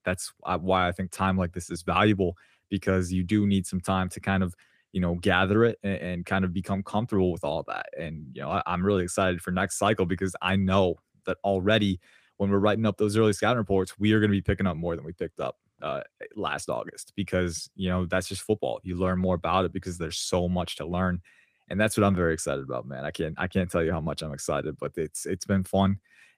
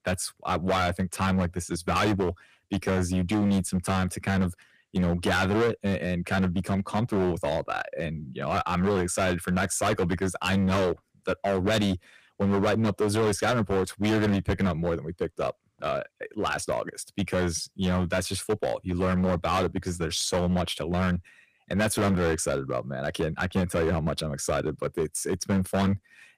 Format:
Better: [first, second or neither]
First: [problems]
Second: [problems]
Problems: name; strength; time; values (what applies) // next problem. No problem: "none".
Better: first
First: none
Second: distortion; heavy; 12% of the sound clipped